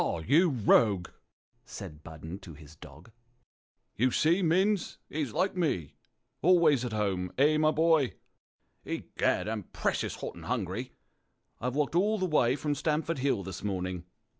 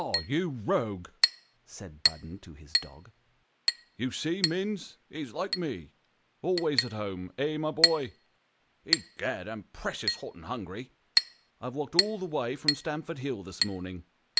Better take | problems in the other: first | background sound (Chink, clink); as loud as the speech

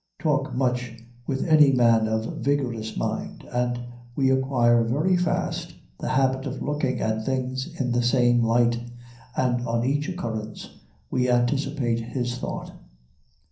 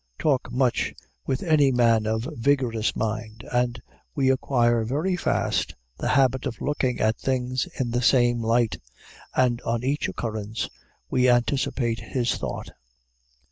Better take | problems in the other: second | room echo; dies away in 0.6 s

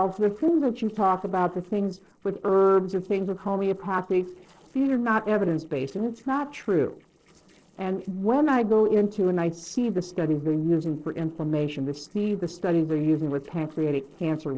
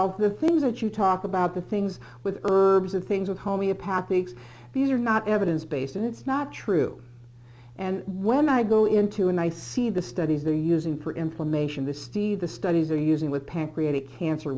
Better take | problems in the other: second | noise reduction (neural separator model SepFormer DNS4)

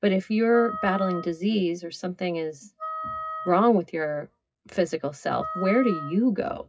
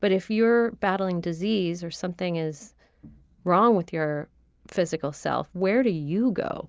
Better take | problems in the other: second | noise reduction (classical method WPE with log-MMSE)

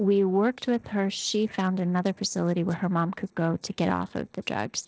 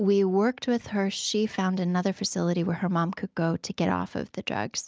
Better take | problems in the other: second | noise reduction (neural separator model SepFormer DNS4)

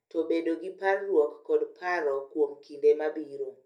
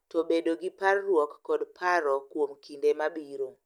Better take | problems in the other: second | room echo; dies away in 0.3 s

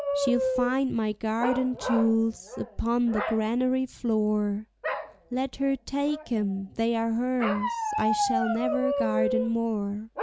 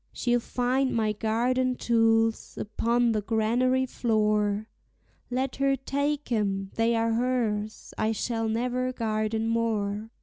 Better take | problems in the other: second | background sound (Bark); 5 dB below the speech

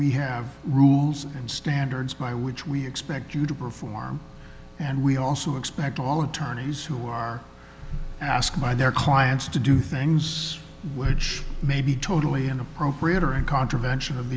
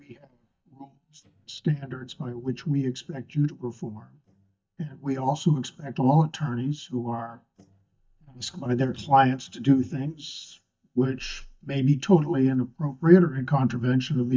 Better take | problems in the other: first | noise reduction (neural mask model DeepFilterNet 3)

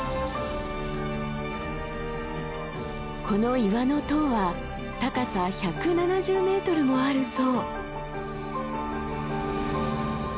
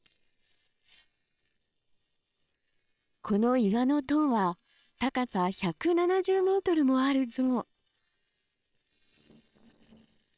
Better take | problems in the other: first | noise reduction (neural separator model SepFormer WHAM!)

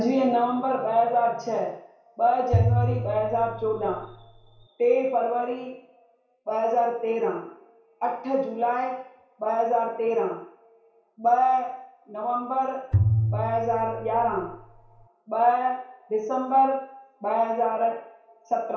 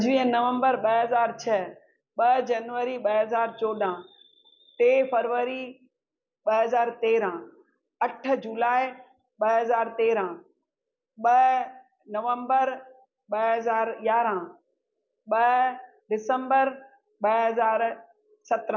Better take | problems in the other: second | background sound (Bowed string instrument); 1 dB below the speech // room echo; dies away in 0.6 s

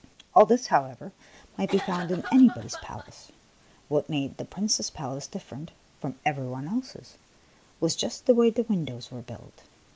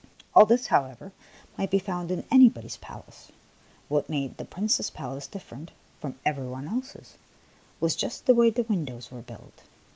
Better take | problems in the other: second | background sound (Cough); 12 dB below the speech

